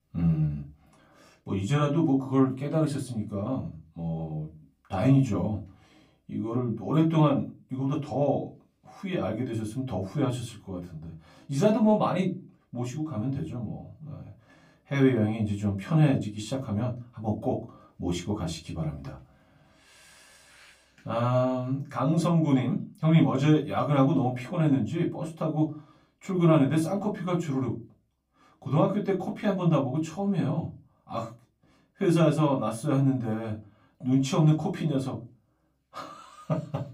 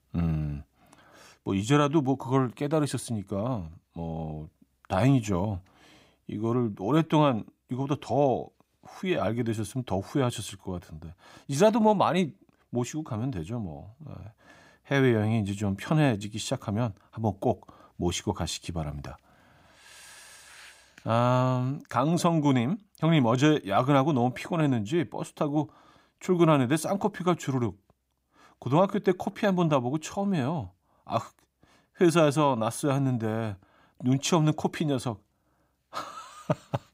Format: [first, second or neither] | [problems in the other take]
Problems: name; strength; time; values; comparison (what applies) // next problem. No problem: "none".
second | off-mic speech; far // room echo; very slight; dies away in 0.3 s